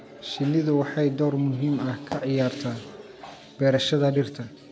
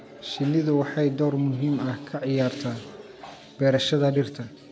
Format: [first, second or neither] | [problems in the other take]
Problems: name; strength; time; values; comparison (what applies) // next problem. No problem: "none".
second | background sound (Fireworks); 15 dB below the speech